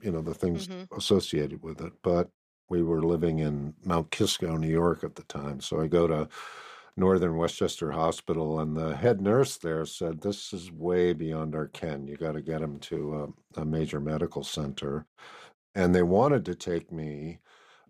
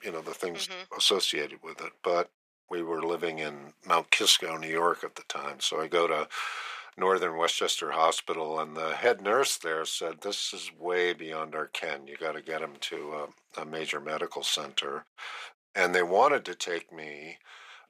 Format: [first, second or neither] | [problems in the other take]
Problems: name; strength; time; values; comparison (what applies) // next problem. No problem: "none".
first | thin; very; fading below 750 Hz